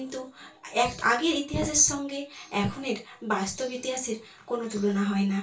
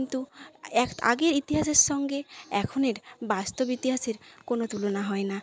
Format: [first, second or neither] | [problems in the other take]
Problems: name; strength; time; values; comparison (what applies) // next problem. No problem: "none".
second | room echo; dies away in 0.3 s